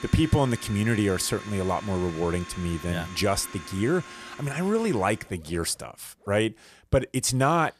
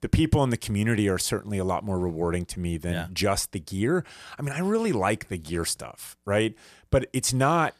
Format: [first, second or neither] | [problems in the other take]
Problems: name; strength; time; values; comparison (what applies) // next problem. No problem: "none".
second | household noises; noticeable; throughout; 15 dB below the speech